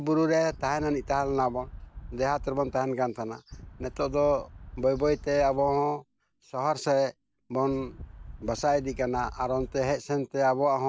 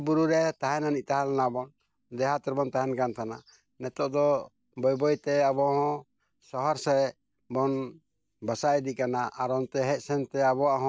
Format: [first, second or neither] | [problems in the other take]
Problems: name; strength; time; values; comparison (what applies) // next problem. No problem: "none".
second | background sound (Wind); 15 dB below the speech